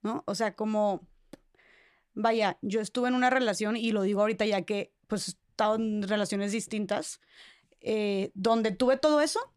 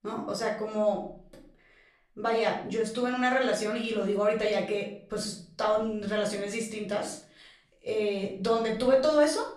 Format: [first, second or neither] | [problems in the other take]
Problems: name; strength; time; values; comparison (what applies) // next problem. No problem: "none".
first | room echo; slight; dies away in 0.4 s // off-mic speech; far